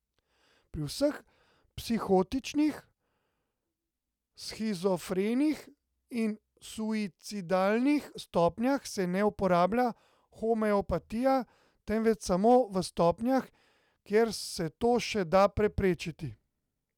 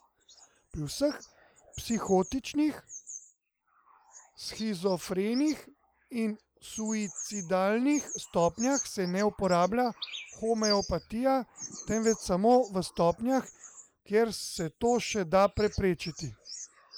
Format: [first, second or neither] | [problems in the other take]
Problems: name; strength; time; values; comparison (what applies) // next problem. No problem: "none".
first | noise reduction (neural mask model Resemble Enhance denoiser)